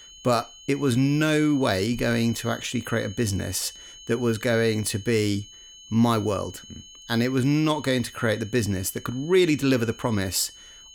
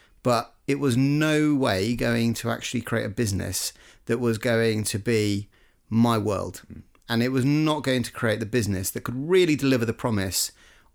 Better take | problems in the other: second | high-pitched whine; noticeable; throughout; 3 kHz, 20 dB below the speech

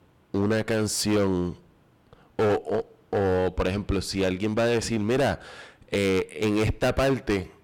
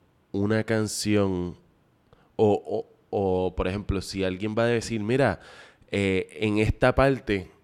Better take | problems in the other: second | distortion; heavy; 15% of the sound clipped

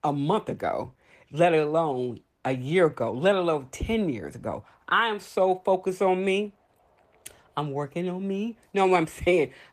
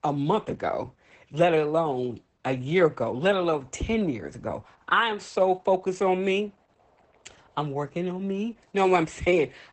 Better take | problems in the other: first | garbled, watery; badly; nothing above 8 kHz; slightly in the first

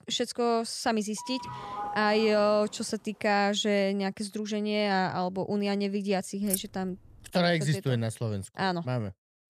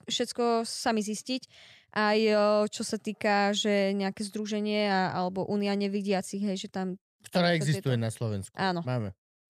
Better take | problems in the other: second | doorbell; noticeable; from 1 to 2.5 s; peak 7 dB below the speech // jangling keys; noticeable; at 6.5 s; peak 4 dB below the speech

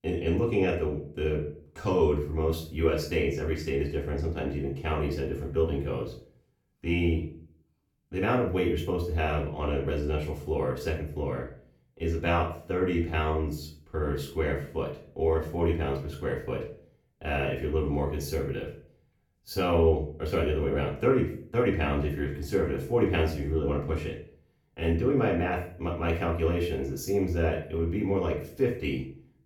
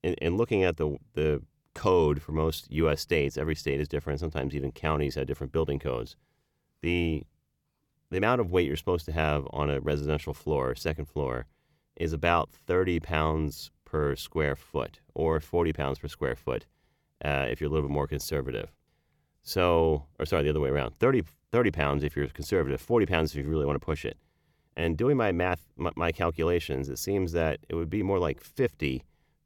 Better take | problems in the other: second | off-mic speech; far // room echo; slight; dies away in 0.4 s

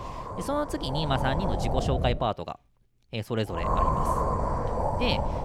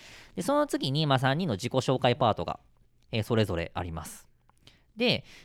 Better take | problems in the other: second | wind noise on the microphone; heavy; until 2 s and from 3.5 s on; 2 dB above the speech

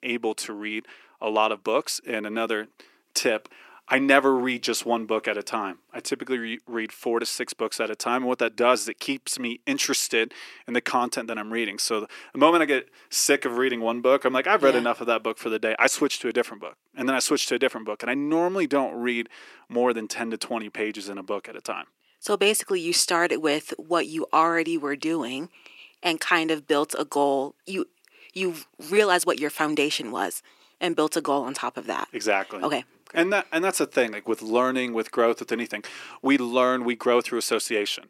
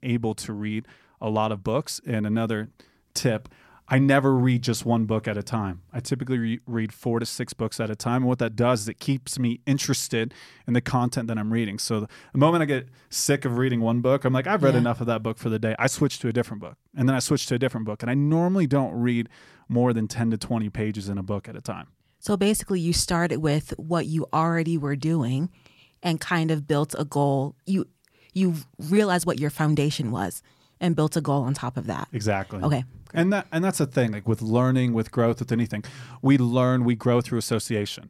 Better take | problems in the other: second | thin; somewhat; fading below 300 Hz

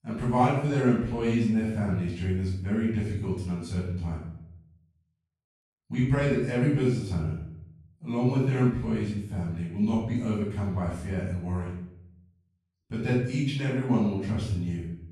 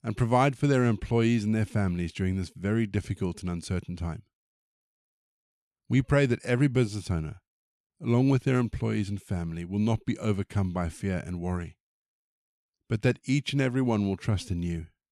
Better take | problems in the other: second | off-mic speech; far // room echo; noticeable; dies away in 0.7 s

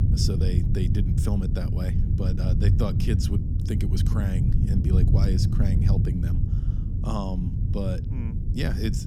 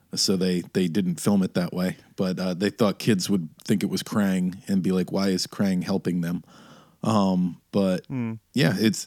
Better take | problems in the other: second | low rumble; loud; throughout; 2 dB below the speech

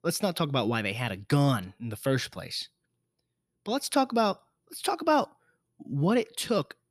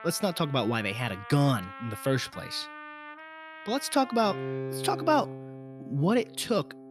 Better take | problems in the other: first | background music; noticeable; throughout; 10 dB below the speech

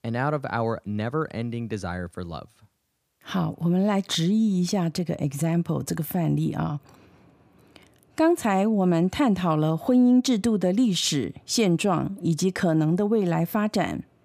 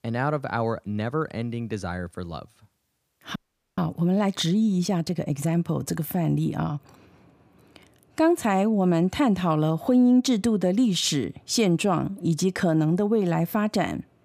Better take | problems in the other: first | audio freezing; at 3.5 s

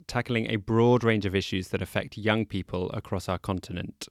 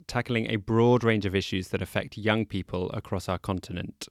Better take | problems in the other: neither | none

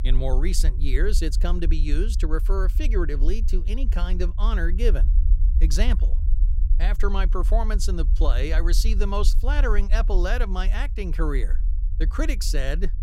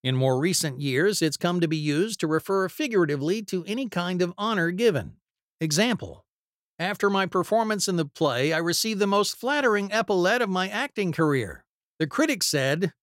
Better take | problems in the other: second | low rumble; noticeable; throughout; 15 dB below the speech

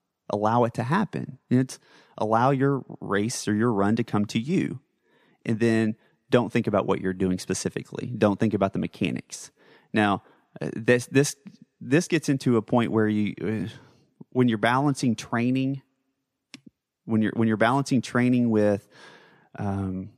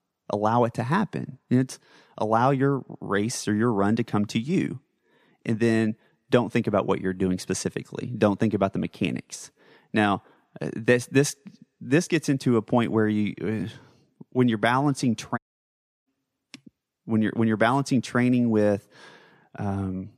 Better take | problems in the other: first | audio cutting out; at 15 s for 0.5 s

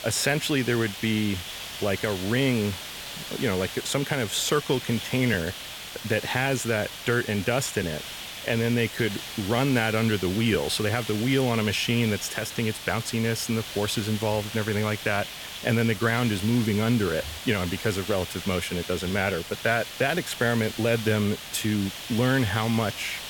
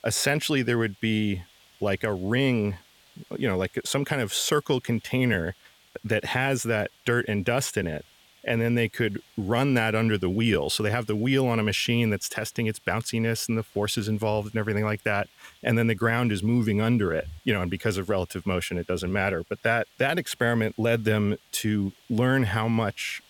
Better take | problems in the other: second | hiss; loud; throughout; 9 dB below the speech; faint in the second

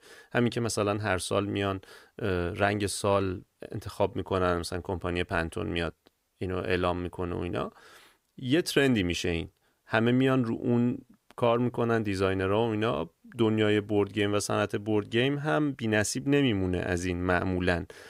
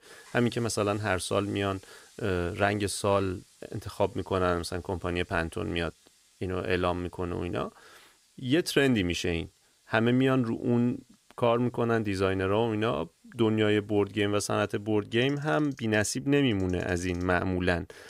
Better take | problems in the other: first | household noises; faint; throughout; 30 dB below the speech

